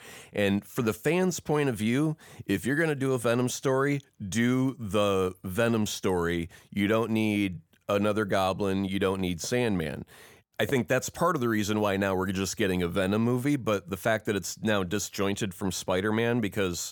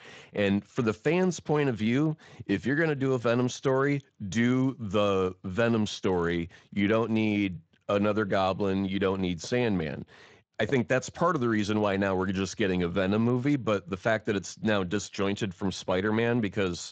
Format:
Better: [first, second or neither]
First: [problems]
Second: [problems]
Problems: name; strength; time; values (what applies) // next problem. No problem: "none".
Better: first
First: none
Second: garbled, watery; slightly; nothing above 7.5 kHz